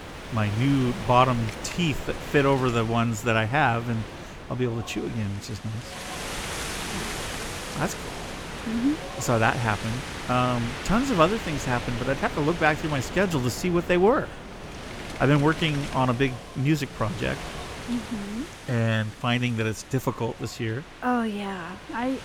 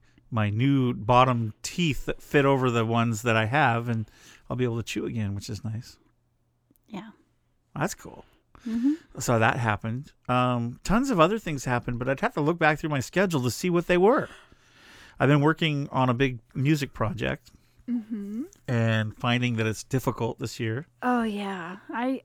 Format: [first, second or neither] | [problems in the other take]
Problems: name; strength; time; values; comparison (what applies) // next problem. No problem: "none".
second | wind noise on the microphone; heavy; 10 dB below the speech